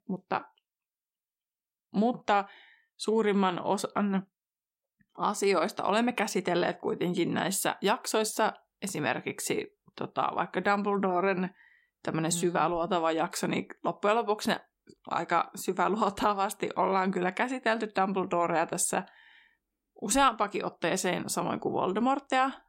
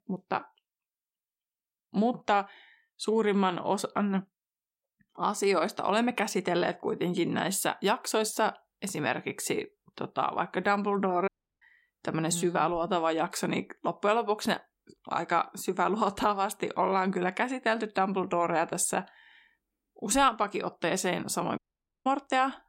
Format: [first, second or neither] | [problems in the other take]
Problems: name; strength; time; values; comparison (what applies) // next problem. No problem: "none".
first | audio cutting out; at 11 s and at 22 s